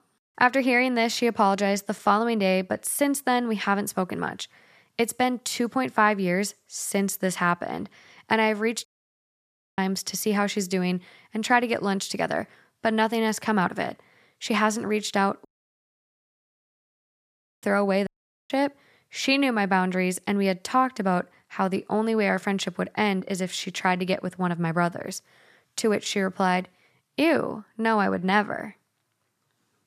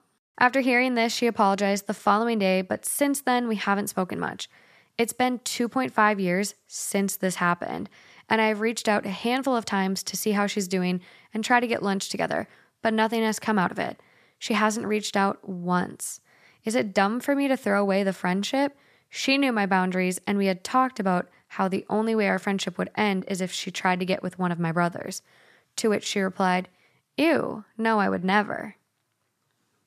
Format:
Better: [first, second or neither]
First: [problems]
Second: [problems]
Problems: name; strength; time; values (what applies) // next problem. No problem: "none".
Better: second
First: audio cutting out; at 9 s for 1 s, at 15 s for 2 s and at 18 s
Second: none